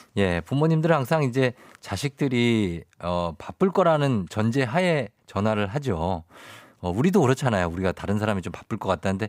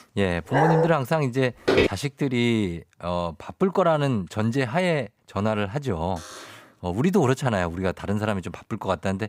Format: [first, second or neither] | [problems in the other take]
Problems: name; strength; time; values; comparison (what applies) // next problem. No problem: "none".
first | dog barking; loud; at 0.5 s; peak 3 dB above the speech // footsteps; loud; at 1.5 s; peak 4 dB above the speech // alarm; faint; at 6 s; peak 15 dB below the speech